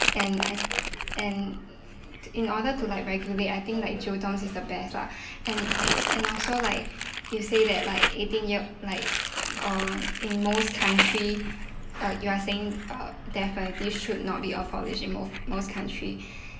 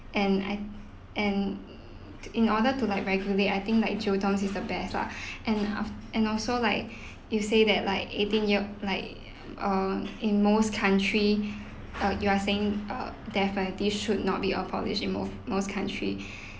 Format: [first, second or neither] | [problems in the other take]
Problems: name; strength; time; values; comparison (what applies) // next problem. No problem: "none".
second | background sound (Crumpling, crinkling); 2 dB below the speech // room echo; dies away in 0.7 s